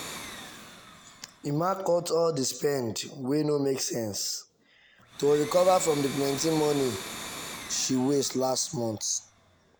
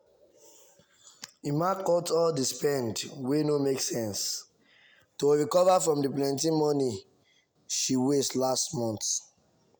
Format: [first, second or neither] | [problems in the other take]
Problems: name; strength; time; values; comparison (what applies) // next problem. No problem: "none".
second | background sound (Domestic sounds, home sounds); 15 dB below the speech